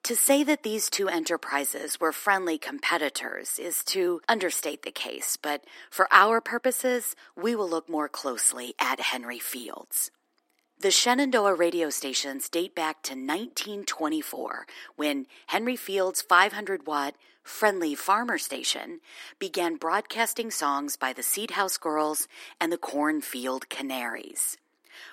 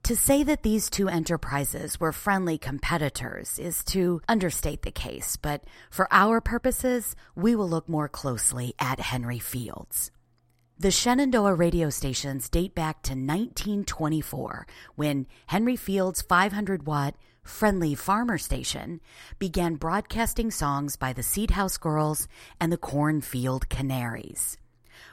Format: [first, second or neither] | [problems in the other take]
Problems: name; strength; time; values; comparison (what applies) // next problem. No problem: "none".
second | thin; somewhat; fading below 250 Hz